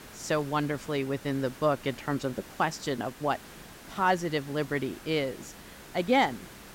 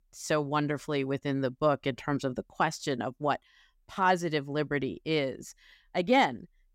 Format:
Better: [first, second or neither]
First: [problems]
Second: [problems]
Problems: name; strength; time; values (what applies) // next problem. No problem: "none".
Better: second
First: hiss; noticeable; throughout; 15 dB below the speech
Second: none